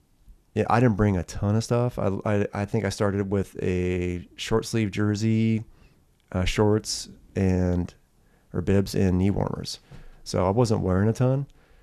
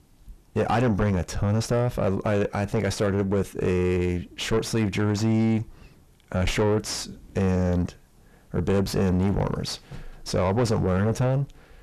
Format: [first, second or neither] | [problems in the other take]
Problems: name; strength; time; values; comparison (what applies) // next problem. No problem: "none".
first | distortion; heavy; 5 dB below the speech